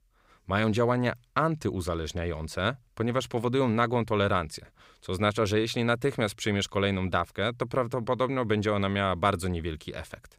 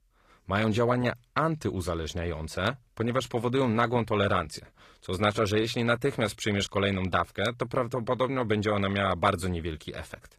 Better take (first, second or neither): first